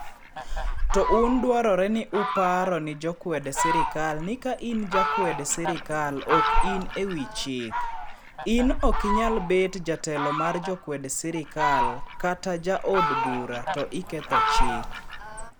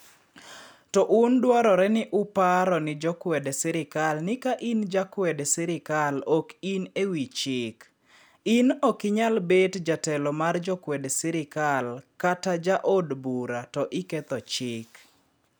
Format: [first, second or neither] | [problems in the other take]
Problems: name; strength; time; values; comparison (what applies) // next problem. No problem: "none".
second | background sound (Fowl); as loud as the speech